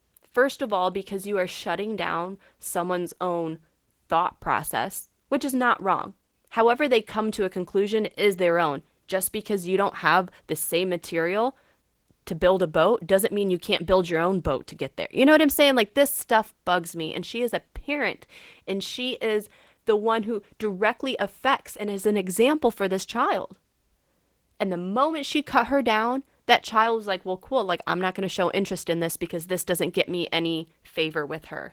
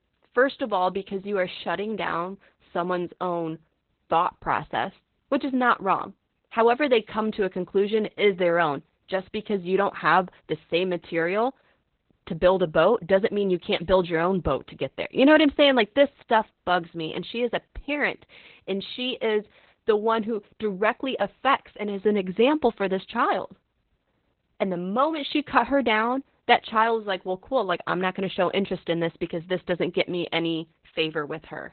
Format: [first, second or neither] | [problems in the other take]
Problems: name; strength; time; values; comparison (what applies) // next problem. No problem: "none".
first | garbled, watery; badly; nothing above 4 kHz; slightly in the first